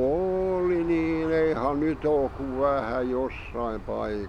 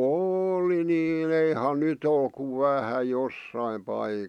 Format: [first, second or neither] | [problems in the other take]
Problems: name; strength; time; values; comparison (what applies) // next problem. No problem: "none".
second | background sound (Aircraft); 14 dB below the speech